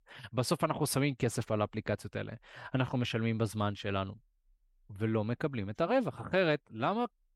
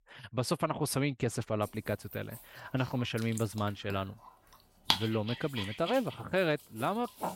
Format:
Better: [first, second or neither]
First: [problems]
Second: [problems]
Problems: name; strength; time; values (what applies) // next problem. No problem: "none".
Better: first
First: none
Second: dog barking; loud; from 3.5 s on; peak 4 dB above the speech